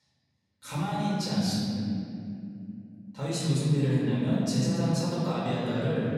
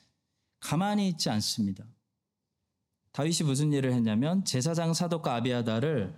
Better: second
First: off-mic speech; far // room echo; strong; dies away in 2.8 s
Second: none

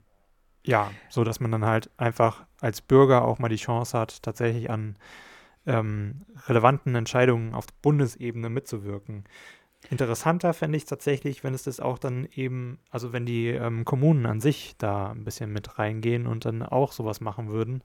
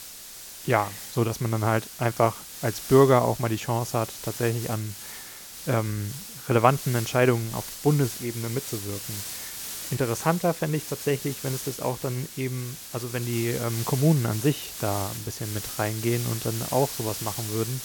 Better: first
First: none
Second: hiss; loud; throughout; 9 dB below the speech

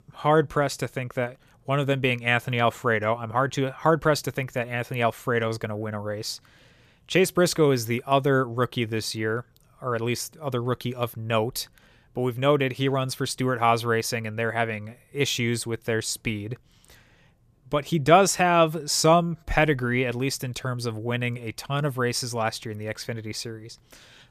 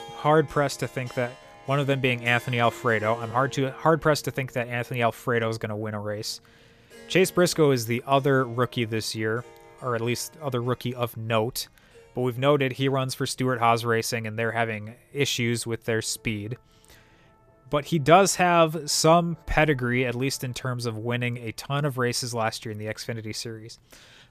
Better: first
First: none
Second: background music; faint; throughout; 25 dB below the speech

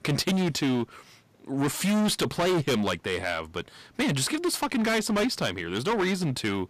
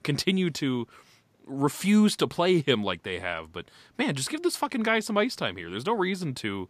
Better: second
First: distortion; heavy; 18% of the sound clipped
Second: none

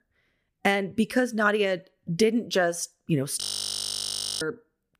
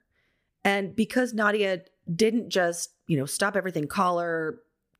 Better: second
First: audio freezing; at 3.5 s for 1 s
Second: none

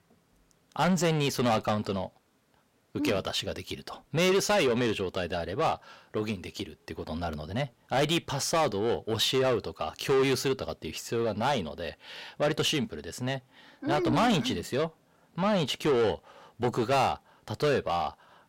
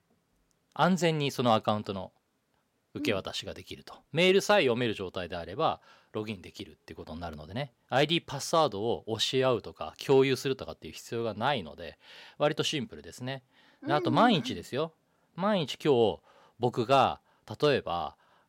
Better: second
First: distortion; heavy; 7 dB below the speech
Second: none

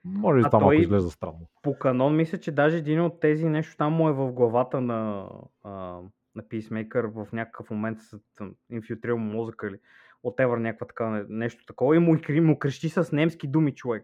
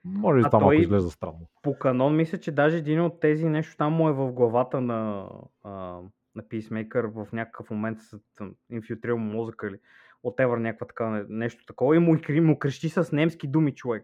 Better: neither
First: muffled; very; fading above 3 kHz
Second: muffled; very; fading above 3 kHz

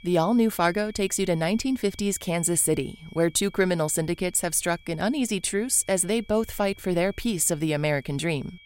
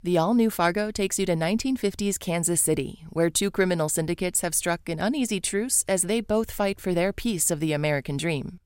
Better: second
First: high-pitched whine; faint; throughout; 2.5 kHz, 25 dB below the speech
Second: none

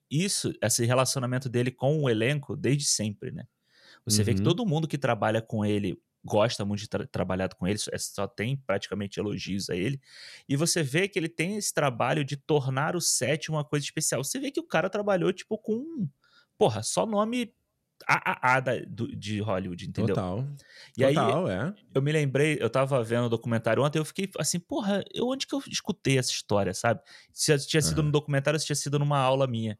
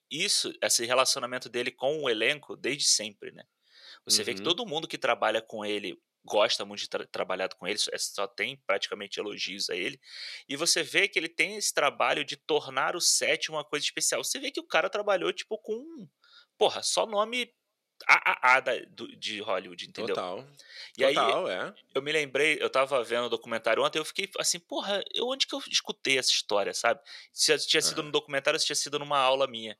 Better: first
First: none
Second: thin; very; fading below 450 Hz

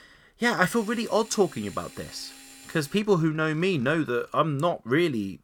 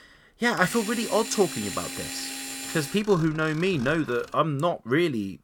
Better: first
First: machinery noise; faint; throughout; 20 dB below the speech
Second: machinery noise; loud; throughout; 9 dB below the speech

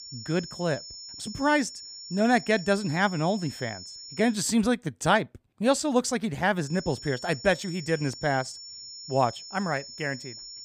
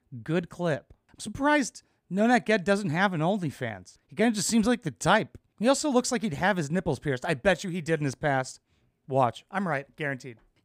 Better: second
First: high-pitched whine; noticeable; until 4.5 s and from 6.5 s on; 5.5 kHz, 15 dB below the speech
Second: none

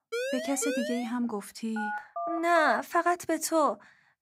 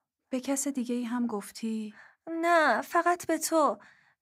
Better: second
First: siren; noticeable; at the start; peak 4 dB below the speech // phone ringing; noticeable; from 2 to 3 s; peak 6 dB below the speech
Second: none

